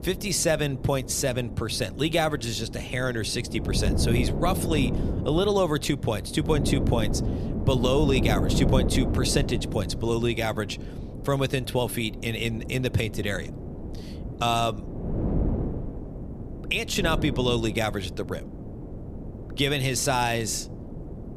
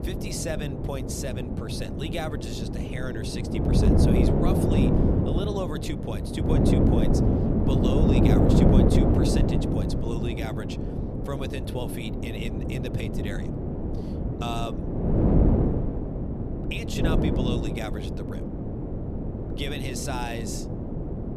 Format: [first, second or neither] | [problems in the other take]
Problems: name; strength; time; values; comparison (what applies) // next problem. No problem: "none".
first | wind noise on the microphone; heavy; 4 dB above the speech; occasional gusts in the first